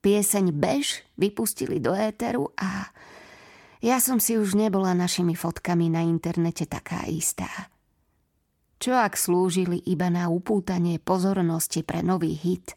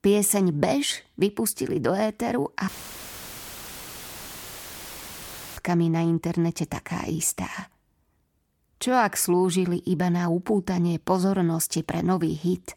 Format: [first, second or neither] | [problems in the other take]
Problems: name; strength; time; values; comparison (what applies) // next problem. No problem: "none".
first | audio cutting out; filled with static; at 2.5 s for 3 s